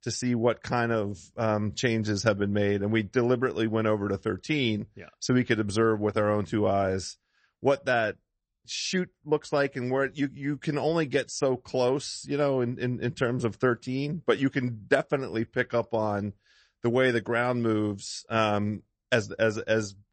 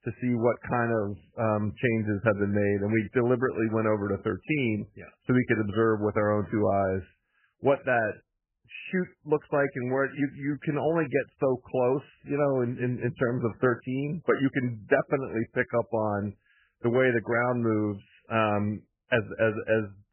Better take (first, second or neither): first